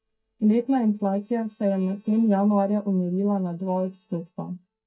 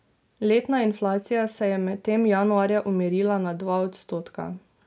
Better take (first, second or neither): second